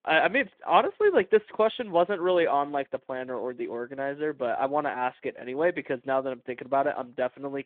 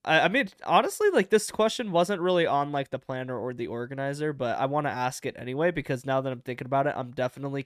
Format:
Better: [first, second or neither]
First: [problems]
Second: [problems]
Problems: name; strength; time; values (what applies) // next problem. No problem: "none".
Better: second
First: phone-call audio; nothing above 3.5 kHz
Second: none